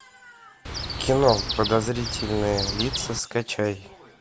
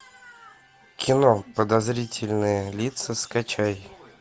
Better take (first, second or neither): second